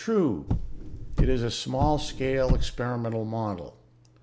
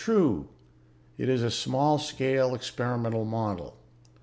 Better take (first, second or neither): second